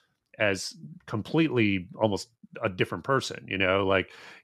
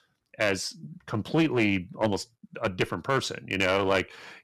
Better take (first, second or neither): first